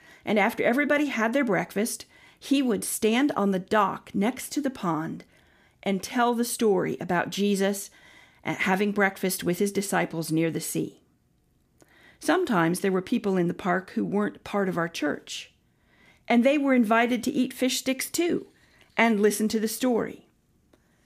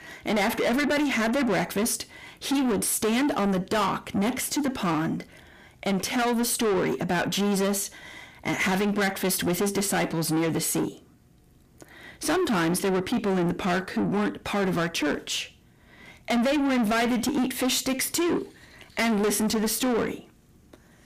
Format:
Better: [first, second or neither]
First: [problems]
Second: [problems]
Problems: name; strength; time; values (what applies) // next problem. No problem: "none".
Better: first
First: none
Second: distortion; heavy; 6 dB below the speech